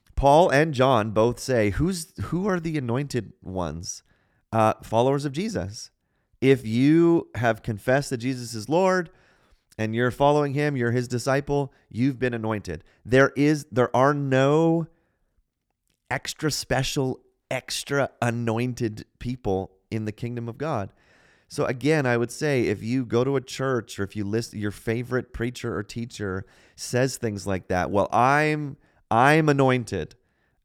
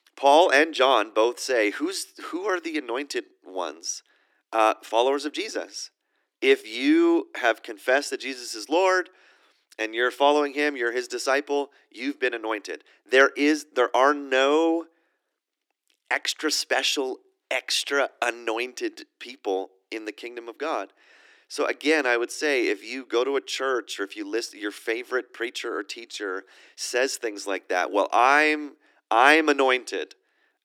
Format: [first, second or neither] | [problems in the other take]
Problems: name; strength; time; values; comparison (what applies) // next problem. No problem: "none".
first | thin; somewhat; fading below 300 Hz